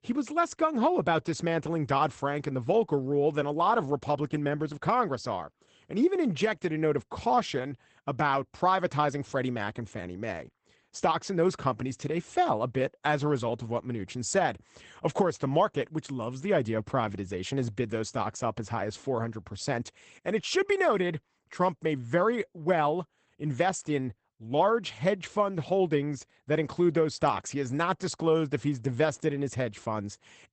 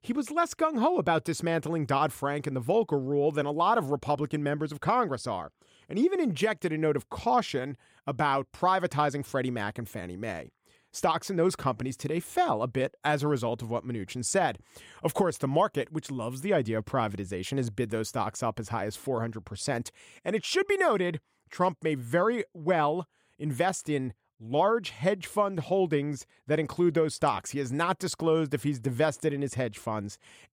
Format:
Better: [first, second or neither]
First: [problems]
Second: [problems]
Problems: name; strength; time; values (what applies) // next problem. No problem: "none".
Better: second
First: garbled, watery; badly; nothing above 8 kHz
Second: none